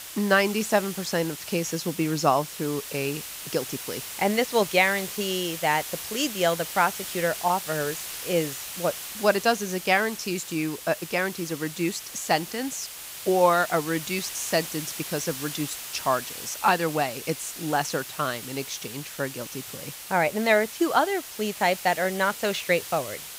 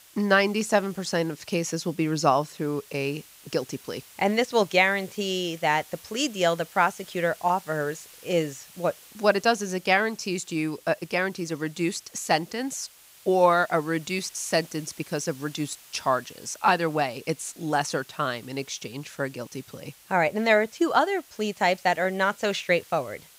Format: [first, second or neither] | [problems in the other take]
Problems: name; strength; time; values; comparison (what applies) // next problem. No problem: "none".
second | hiss; loud; throughout; 9 dB below the speech; faint in the second